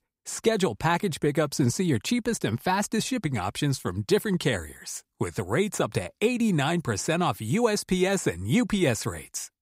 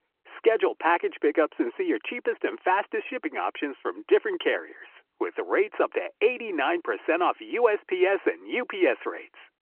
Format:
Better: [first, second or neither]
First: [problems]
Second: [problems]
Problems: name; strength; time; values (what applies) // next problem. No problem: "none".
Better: first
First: none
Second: phone-call audio